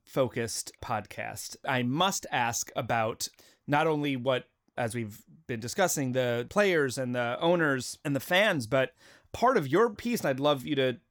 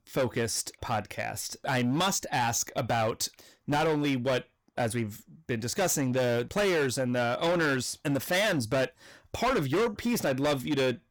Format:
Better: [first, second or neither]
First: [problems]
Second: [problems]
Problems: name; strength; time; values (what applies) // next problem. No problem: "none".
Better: first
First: none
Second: distortion; heavy; 15% of the sound clipped